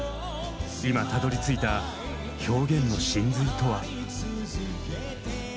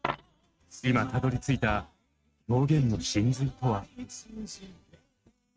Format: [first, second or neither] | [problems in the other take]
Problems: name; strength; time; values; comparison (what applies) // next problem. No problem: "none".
first | noise reduction (neural mask model RNNoise)